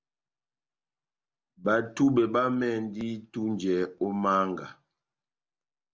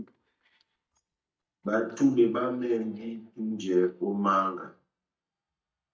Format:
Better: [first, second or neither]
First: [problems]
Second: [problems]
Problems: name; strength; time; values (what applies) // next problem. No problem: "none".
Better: first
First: none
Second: noise reduction (neural mask model DeepFilterNet 3)